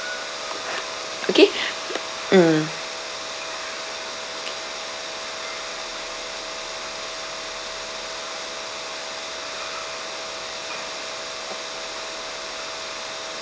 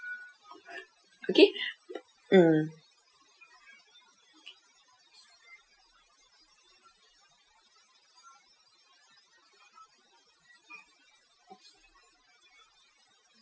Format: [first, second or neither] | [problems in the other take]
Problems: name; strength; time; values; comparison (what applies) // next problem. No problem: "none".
first | noise reduction (classical method Wiener filter)